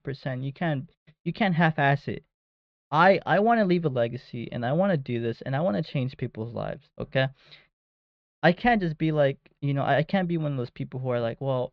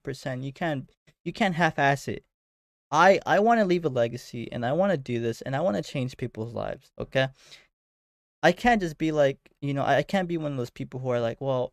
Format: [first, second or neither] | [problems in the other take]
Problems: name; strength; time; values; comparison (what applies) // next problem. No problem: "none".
second | muffled; very slightly; fading above 4 kHz